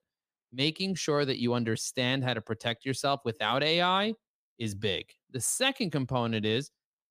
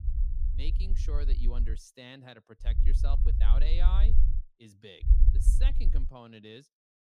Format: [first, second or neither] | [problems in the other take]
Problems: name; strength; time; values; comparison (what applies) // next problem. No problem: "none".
first | low rumble; loud; until 1.5 s, from 2.5 to 4.5 s and from 5 to 6 s; 5 dB below the speech